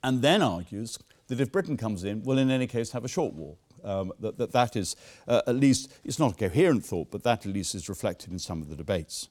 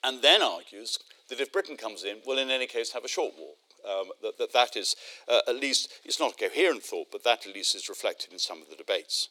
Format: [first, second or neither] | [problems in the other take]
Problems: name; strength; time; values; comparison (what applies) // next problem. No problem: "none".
first | thin; very; fading below 350 Hz